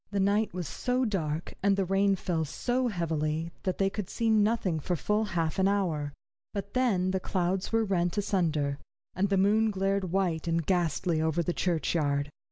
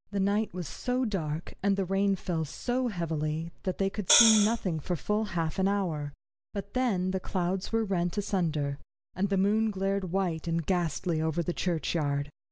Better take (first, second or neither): first